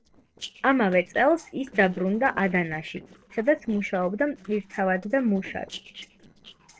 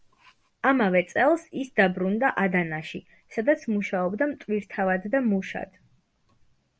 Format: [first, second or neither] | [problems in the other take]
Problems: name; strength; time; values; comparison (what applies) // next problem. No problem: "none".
second | noise reduction (neural separator model SepFormer DNS4)